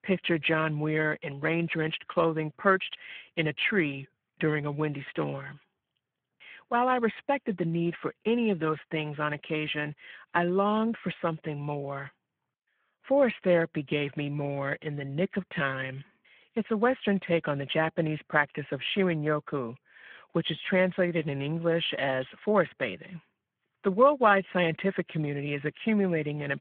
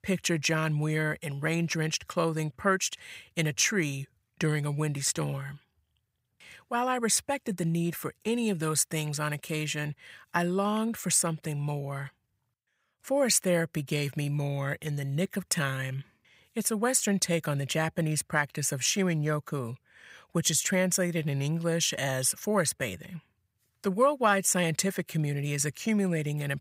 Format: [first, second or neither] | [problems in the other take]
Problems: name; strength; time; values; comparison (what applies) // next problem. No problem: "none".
second | phone-call audio